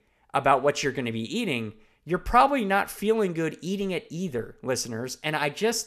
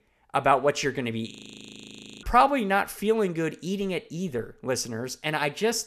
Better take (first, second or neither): first